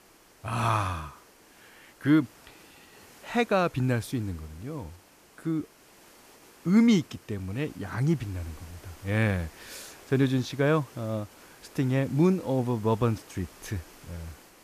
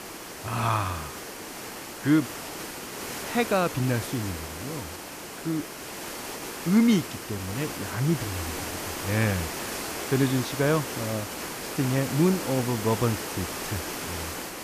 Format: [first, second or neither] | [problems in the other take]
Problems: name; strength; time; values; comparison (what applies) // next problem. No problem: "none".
first | hiss; loud; throughout; 6 dB below the speech; faint in the first